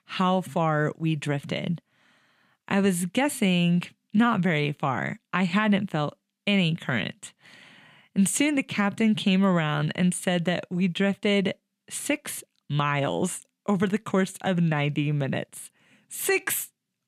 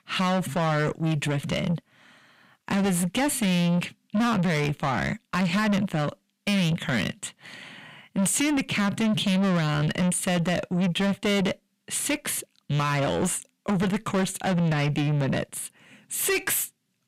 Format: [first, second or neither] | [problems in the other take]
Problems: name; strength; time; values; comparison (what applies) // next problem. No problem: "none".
first | distortion; heavy; 7 dB below the speech